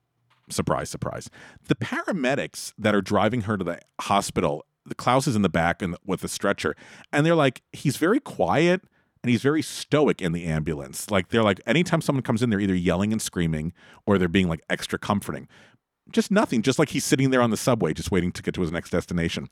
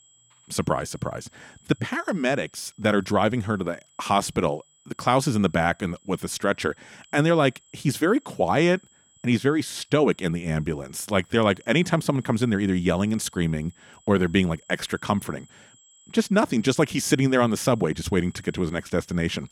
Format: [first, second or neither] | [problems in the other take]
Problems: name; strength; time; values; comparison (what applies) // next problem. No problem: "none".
first | high-pitched whine; faint; throughout; 7.5 kHz, 30 dB below the speech